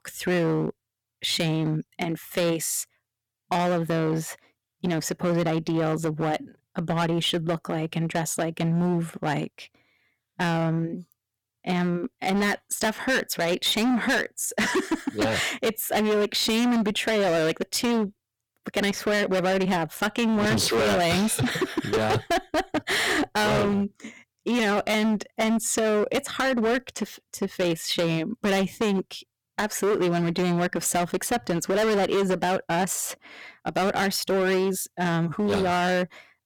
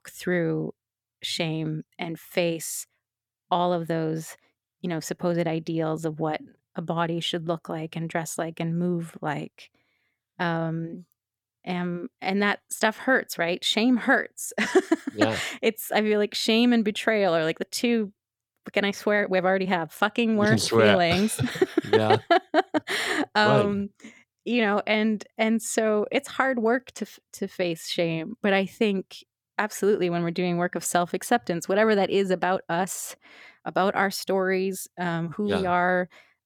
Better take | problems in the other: second | distortion; heavy; 18% of the sound clipped

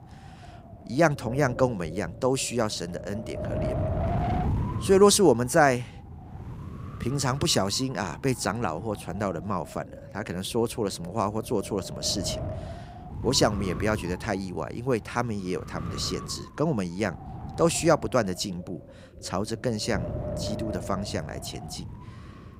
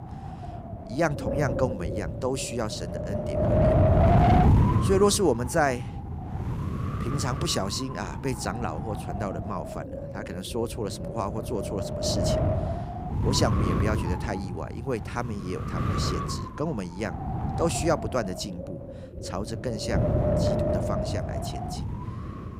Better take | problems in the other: first | wind noise on the microphone; heavy; 1 dB below the speech; occasional gusts in the first

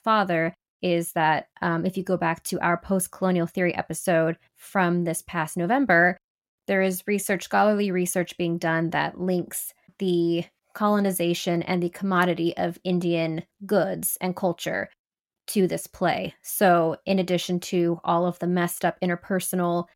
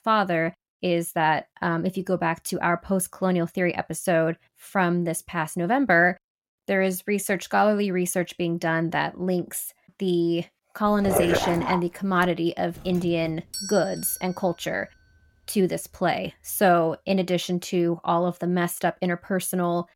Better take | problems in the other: first | dog barking; loud; at 11 s; peak 1 dB above the speech // doorbell; noticeable; from 13 to 14 s; peak 7 dB below the speech

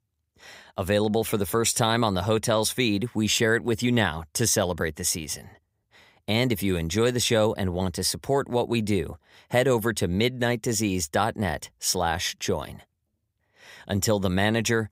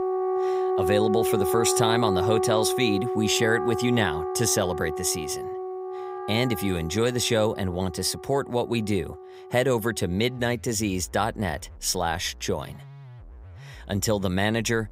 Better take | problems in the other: first | background music; loud; throughout; 3 dB below the speech

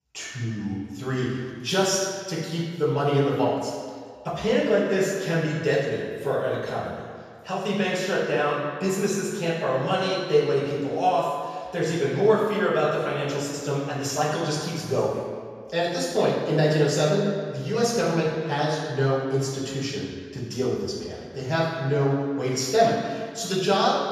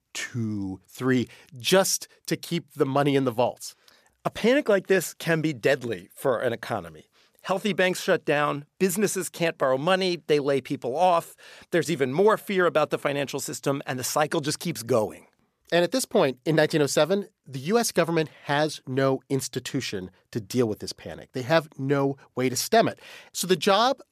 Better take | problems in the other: second | room echo; strong; dies away in 1.7 s // off-mic speech; far

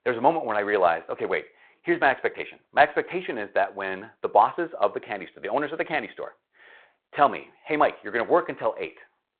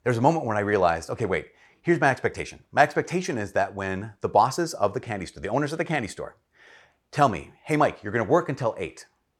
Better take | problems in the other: second | phone-call audio; nothing above 4 kHz

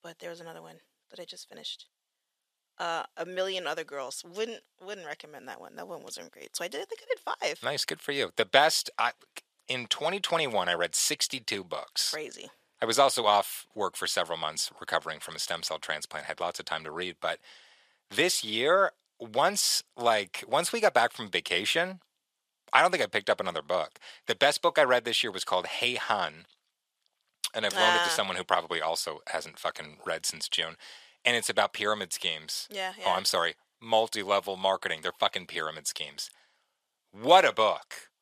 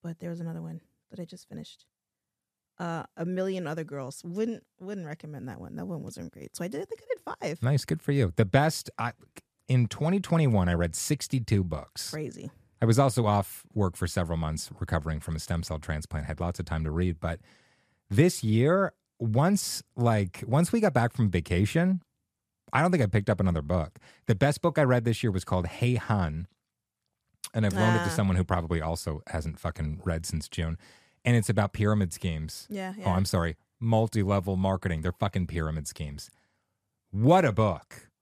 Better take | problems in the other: second | thin; very; fading below 650 Hz

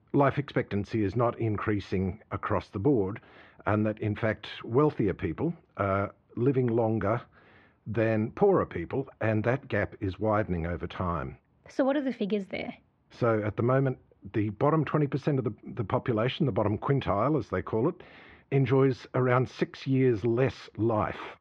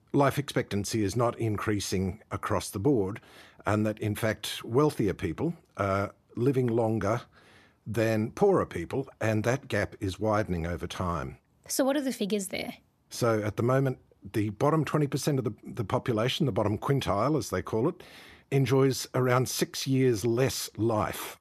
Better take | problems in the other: second | muffled; very; fading above 2.5 kHz

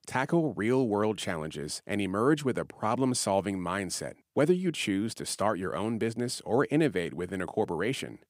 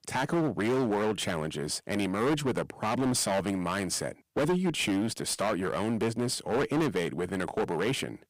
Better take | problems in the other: first | distortion; heavy; 15% of the sound clipped

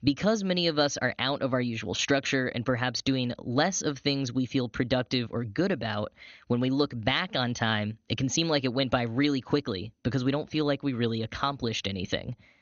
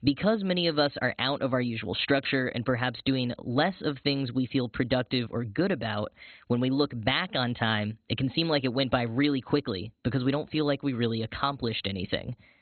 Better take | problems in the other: first | garbled, watery; badly; nothing above 4 kHz; slightly in the first

